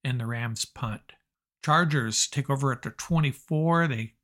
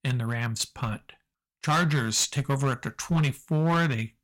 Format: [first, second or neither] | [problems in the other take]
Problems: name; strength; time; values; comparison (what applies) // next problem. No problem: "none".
first | distortion; slight; 8% of the sound clipped